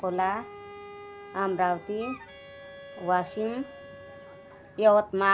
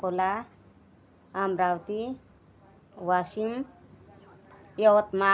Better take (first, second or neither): second